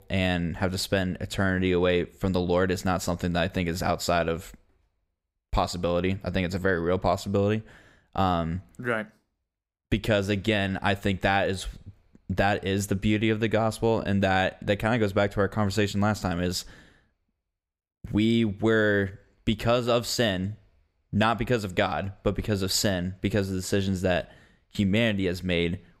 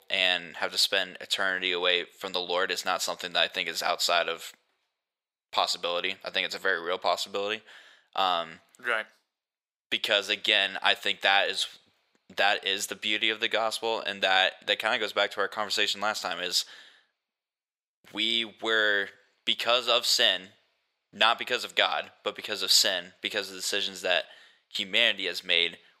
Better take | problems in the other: first | thin; very; fading below 650 Hz

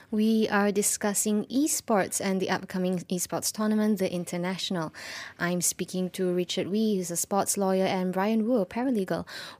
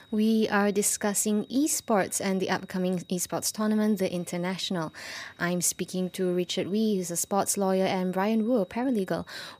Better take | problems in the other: first | high-pitched whine; faint; throughout; 4 kHz, 30 dB below the speech

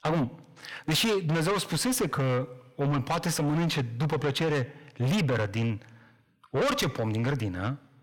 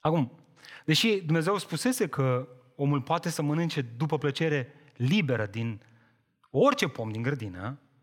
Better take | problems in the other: second | distortion; heavy; 5 dB below the speech

